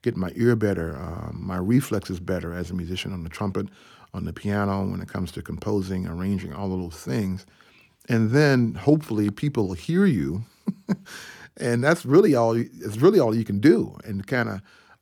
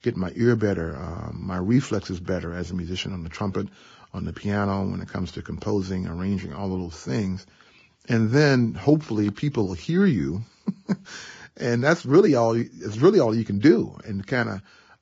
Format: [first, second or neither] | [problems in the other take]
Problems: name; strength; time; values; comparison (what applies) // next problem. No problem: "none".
first | garbled, watery; badly; nothing above 7.5 kHz